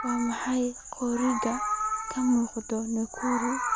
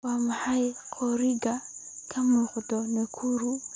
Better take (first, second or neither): second